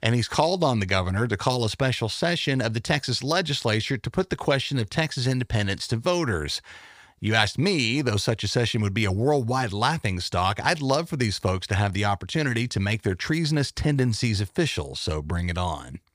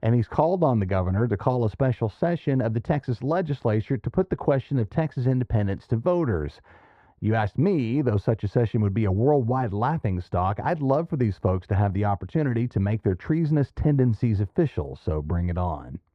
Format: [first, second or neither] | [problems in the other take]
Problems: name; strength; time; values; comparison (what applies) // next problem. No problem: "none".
first | muffled; very; fading above 2 kHz